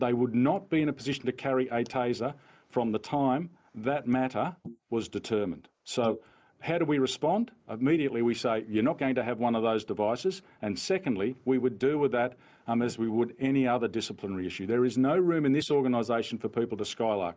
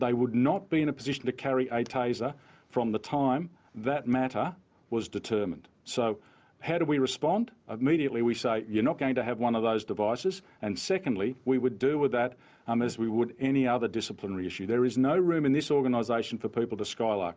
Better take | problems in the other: second | noise reduction (neural mask model Resemble Enhance denoiser)

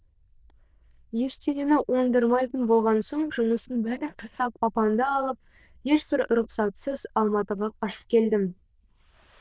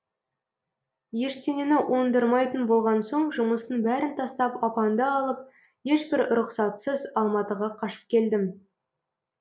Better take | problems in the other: second | noise reduction (neural diffusion model UNIVERSE++)

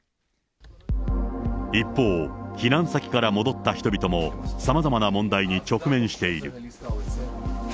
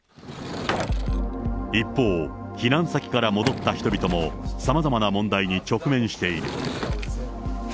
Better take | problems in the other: first | background sound (Sliding door / Wood); 11 dB below the speech

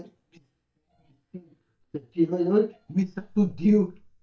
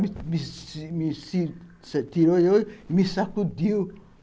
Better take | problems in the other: second | noise reduction (neural mask model DeepFilterNet 3)

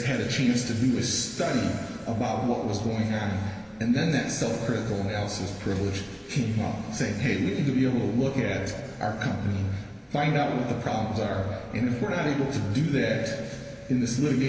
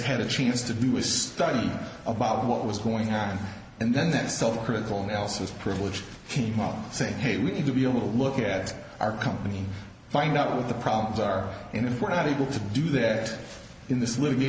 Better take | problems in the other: second | room echo; dies away in 2.4 s

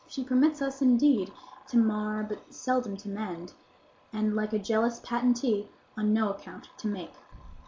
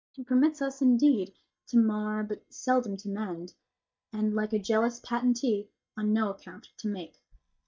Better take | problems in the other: first | noise reduction (neural mask model DeepFilterNet 3)

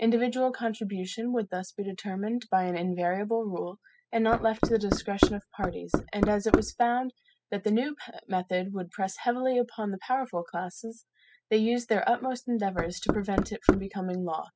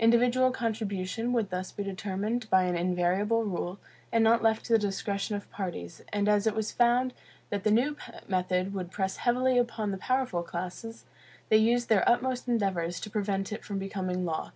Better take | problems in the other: second | noise reduction (classical method spectral subtraction)

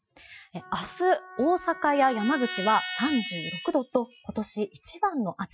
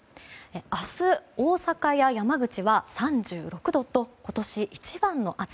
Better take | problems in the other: second | noise reduction (classical method Wiener filter)

